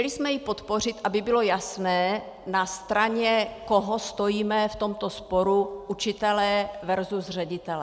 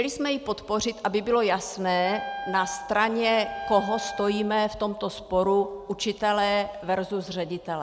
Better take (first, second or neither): first